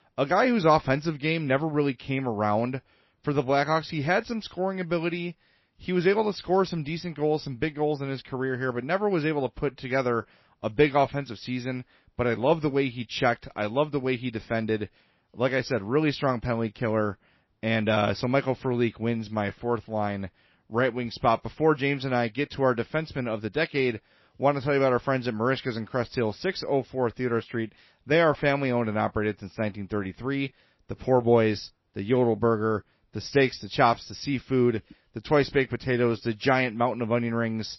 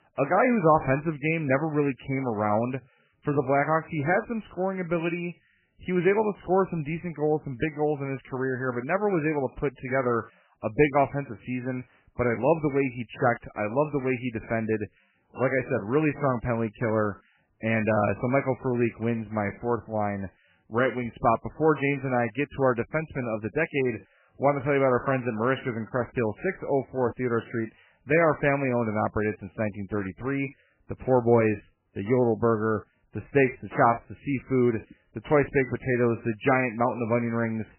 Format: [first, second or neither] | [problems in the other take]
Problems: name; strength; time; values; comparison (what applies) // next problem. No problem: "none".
first | garbled, watery; badly; nothing above 2.5 kHz; slightly in the first